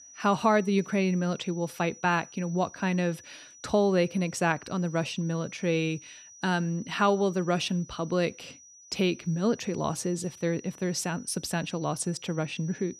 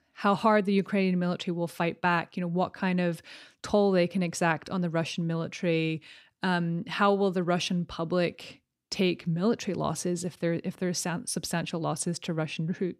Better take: second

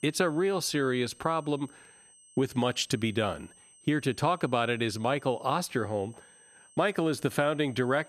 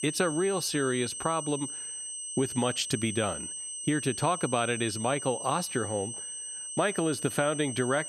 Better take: first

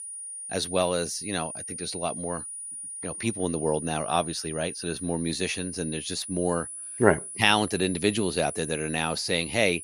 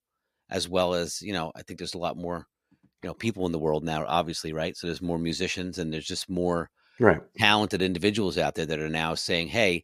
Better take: second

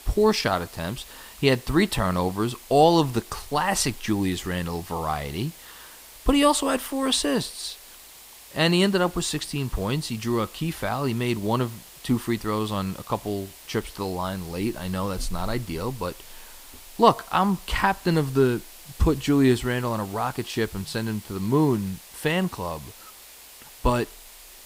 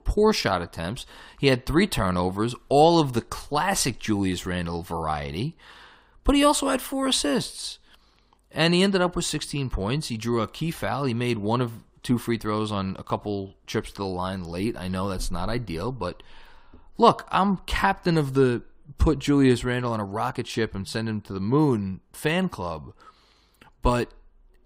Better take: second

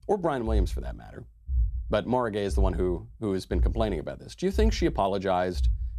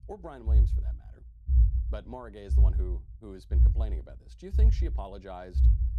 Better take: first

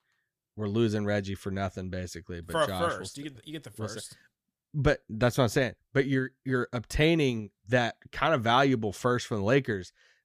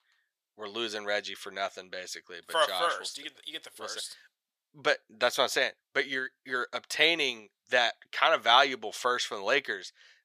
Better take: first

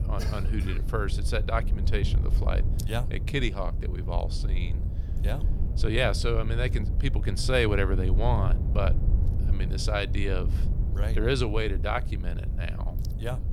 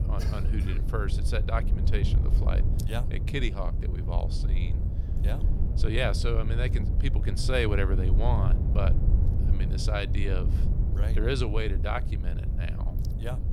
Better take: first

